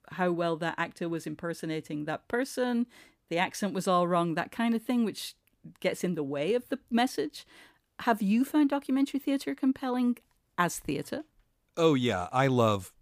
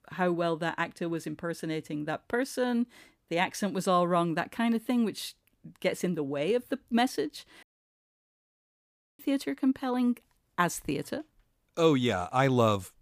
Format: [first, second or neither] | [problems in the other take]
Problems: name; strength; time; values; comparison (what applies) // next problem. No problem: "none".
first | audio cutting out; at 7.5 s for 1.5 s